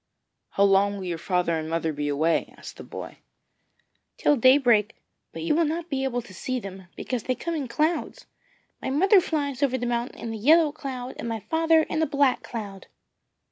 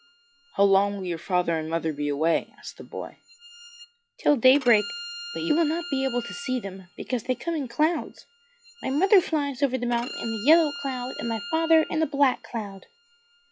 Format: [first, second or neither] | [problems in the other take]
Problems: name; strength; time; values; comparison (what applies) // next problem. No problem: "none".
first | noise reduction (classical method log-MMSE)